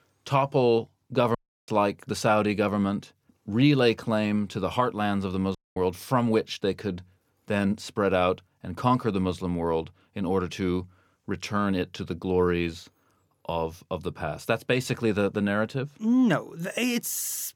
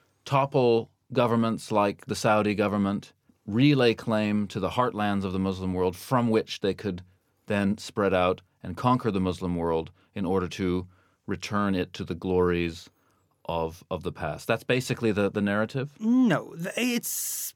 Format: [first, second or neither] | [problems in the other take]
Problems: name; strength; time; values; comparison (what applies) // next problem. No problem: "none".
second | audio cutting out; at 1.5 s and at 5.5 s